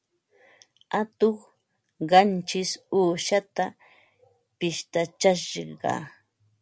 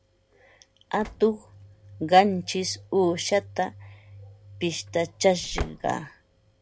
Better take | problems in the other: first | background sound (Slam / Engine); 16 dB below the speech

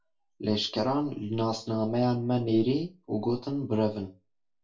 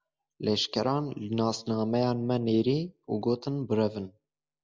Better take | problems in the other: second | room echo; dies away in 0.2 s

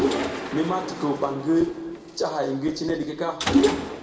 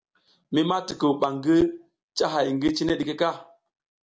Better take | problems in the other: second | background sound (Mechanisms); as loud as the speech // room echo; dies away in 1.6 s

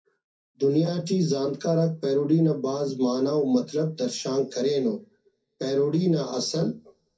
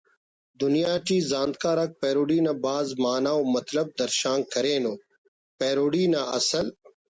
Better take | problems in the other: second | room echo; dies away in 0.3 s

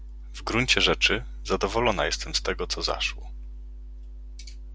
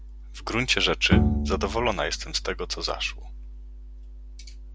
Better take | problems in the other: first | background sound (Bowed string instrument); 3 dB above the speech

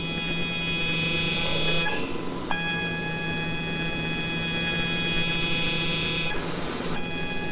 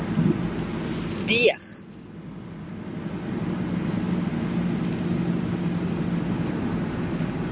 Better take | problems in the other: second | noise reduction (neural separator model SepFormer WHAMR!)

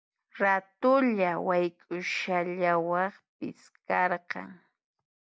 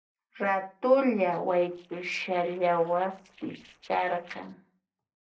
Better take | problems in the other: first | noise reduction (neural separator model SepFormer DNS4)

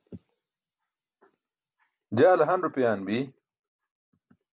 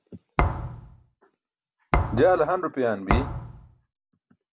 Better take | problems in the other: first | background sound (Thump, thud); as loud as the speech

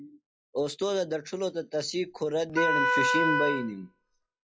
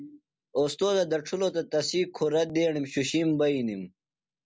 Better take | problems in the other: second | noise reduction (classical method log-MMSE)

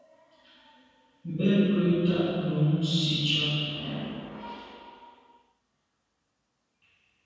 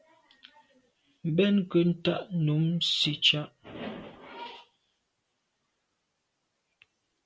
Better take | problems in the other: second | room echo; dies away in 2.1 s

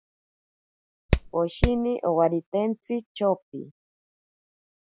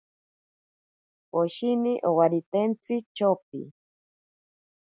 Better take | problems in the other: second | background sound (Hammer); 4 dB above the speech

